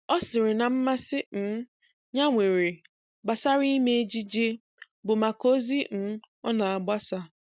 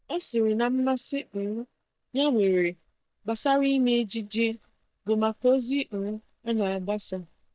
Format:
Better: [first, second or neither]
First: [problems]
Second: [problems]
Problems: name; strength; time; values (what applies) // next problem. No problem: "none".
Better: first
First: none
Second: noise reduction (neural mask model DeepFilterNet 3)